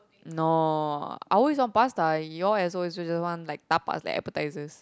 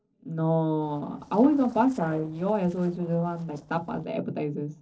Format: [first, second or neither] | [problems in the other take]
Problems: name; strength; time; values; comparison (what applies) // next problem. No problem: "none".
first | noise reduction (neural separator model SepFormer DNS4)